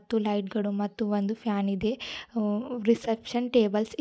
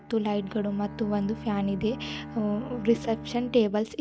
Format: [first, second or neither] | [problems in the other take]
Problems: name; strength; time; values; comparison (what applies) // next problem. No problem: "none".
first | background sound (Bowed string instrument); 12 dB below the speech